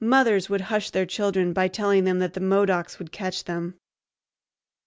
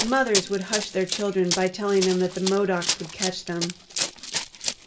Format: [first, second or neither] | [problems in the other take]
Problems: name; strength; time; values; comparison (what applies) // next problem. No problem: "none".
first | background sound (Run); 5 dB below the speech // room echo; dies away in 0.8 s